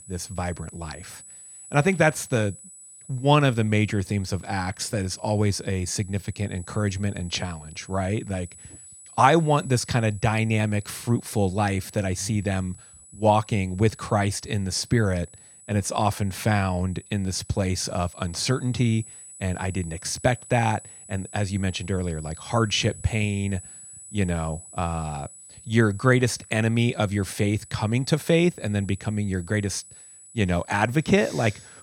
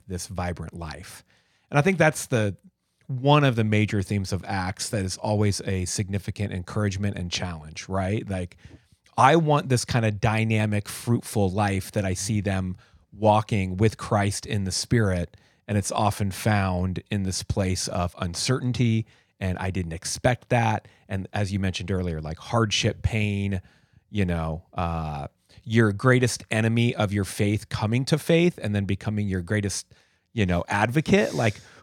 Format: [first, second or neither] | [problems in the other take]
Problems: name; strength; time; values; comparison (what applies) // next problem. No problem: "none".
second | high-pitched whine; noticeable; throughout; 8 kHz, 20 dB below the speech